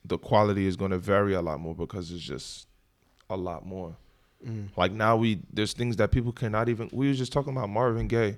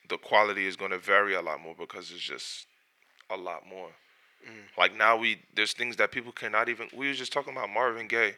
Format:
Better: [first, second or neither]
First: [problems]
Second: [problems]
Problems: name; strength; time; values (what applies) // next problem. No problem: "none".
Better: first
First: none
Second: thin; very; fading below 500 Hz